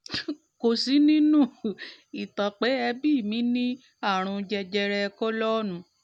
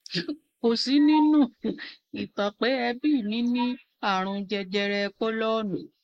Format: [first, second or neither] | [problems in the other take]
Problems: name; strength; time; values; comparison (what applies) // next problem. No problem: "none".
first | noise reduction (neural mask model Resemble Enhance denoiser)